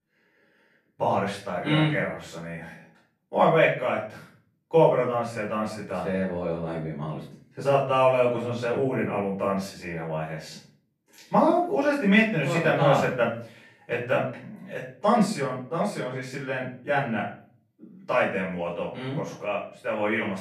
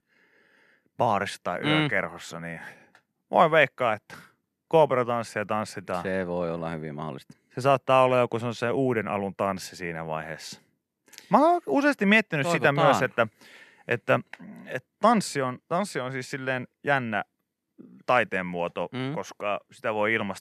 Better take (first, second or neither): second